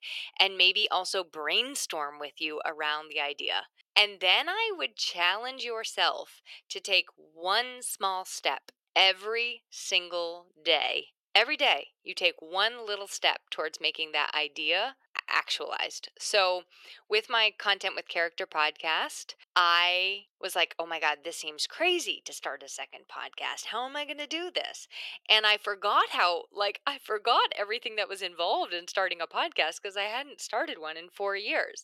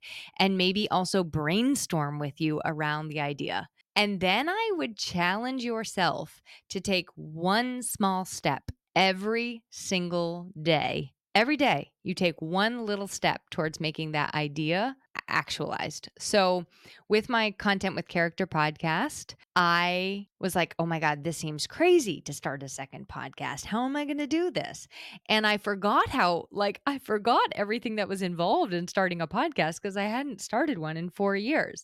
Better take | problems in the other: second | thin; very; fading below 450 Hz

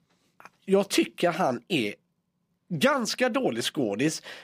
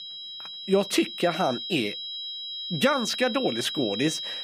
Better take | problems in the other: first | high-pitched whine; loud; throughout; 4 kHz, 6 dB below the speech

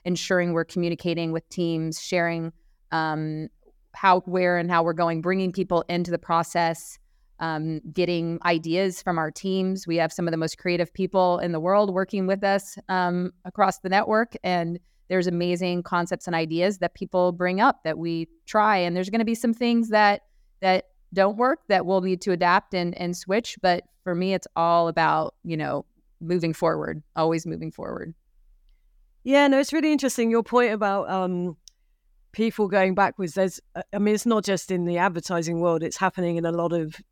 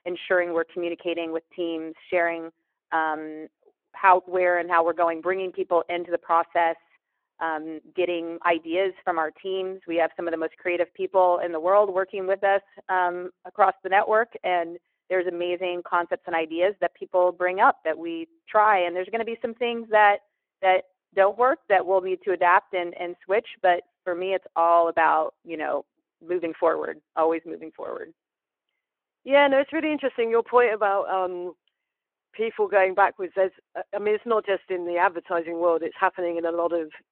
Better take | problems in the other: first | phone-call audio

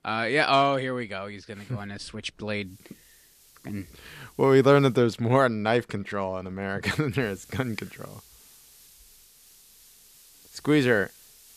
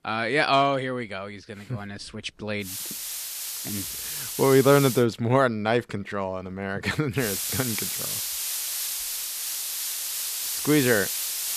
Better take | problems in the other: first | hiss; loud; from 2.5 to 5 s and from 7 s on; 4 dB below the speech; faint in the first

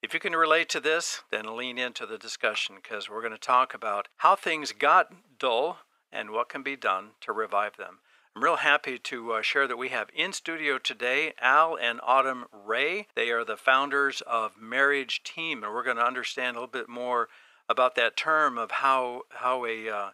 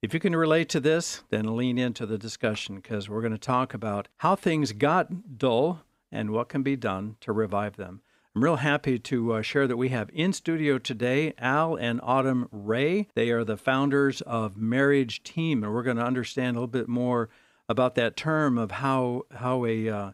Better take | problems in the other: second | thin; very; fading below 650 Hz

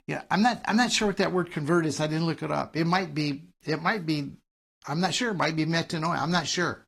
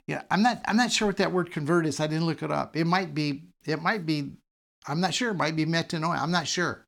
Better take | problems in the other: second | garbled, watery; slightly

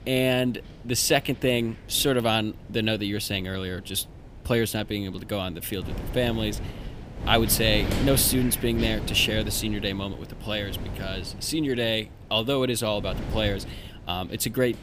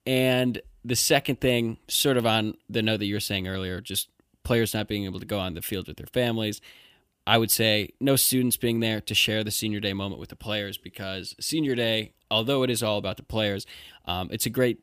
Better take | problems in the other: second | wind noise on the microphone; occasional gusts; 15 dB below the speech

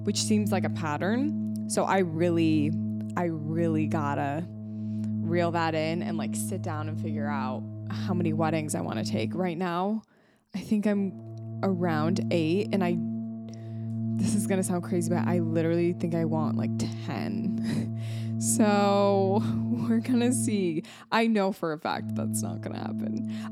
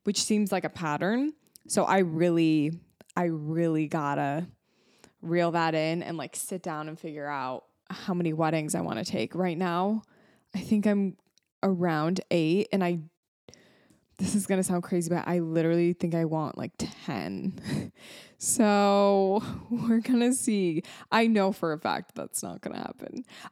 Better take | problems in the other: second | background music; loud; throughout; 4 dB below the speech

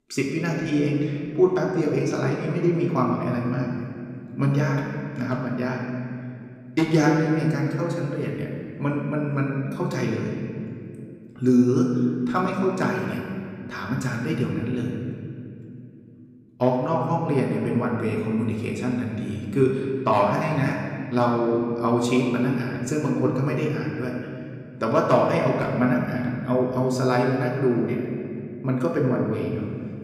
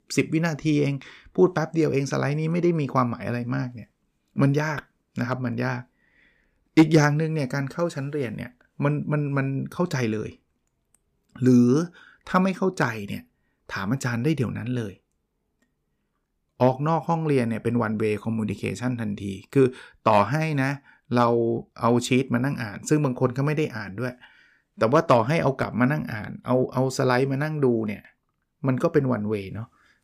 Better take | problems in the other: second | room echo; noticeable; dies away in 2.2 s // off-mic speech; somewhat distant

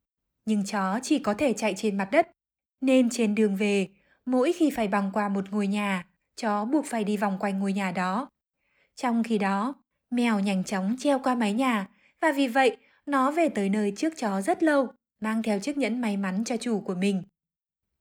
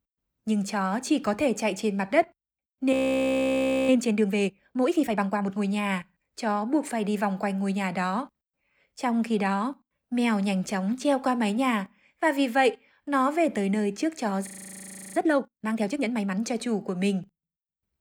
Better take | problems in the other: first | audio freezing; at 3 s for 1 s and at 14 s for 0.5 s

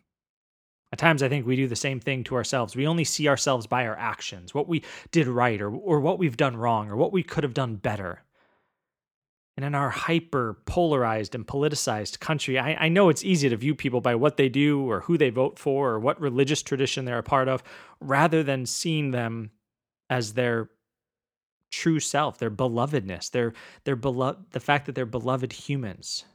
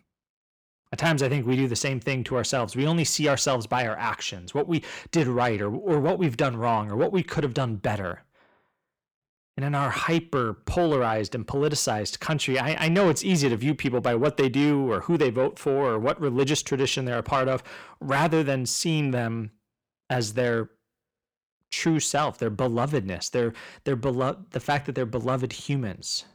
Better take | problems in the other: first | distortion; slight; 10 dB below the speech

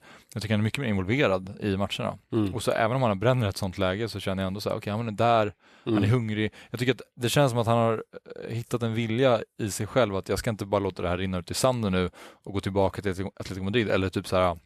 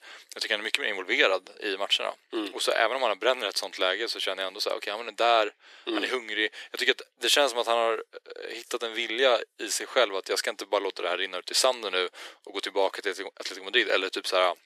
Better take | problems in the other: first | thin; very; fading below 350 Hz

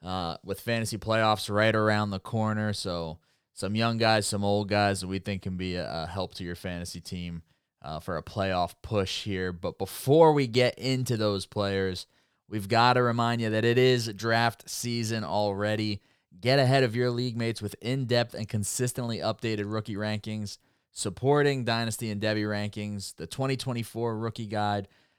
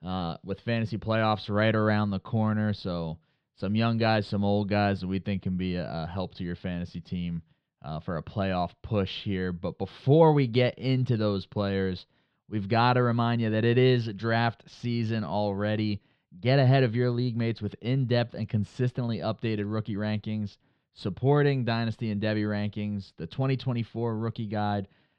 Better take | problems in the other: first | muffled; very slightly; fading above 3.5 kHz

